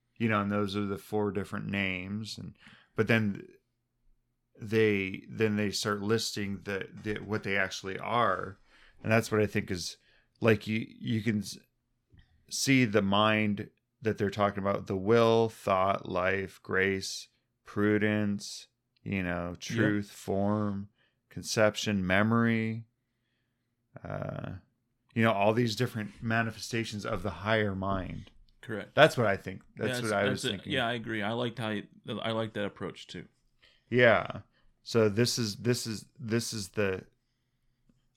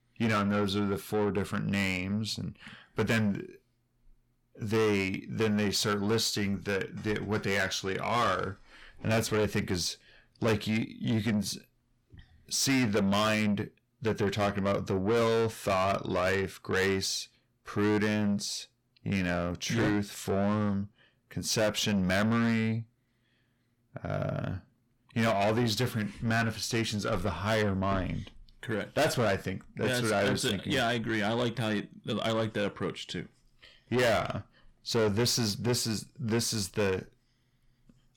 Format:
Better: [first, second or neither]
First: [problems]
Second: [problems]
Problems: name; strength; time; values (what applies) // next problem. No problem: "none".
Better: first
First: none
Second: distortion; heavy; 6 dB below the speech